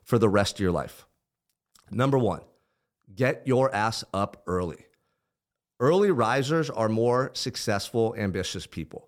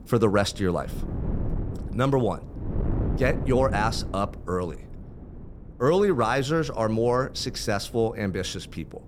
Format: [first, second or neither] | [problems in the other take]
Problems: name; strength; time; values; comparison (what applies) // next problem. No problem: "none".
first | wind noise on the microphone; occasional gusts; 15 dB below the speech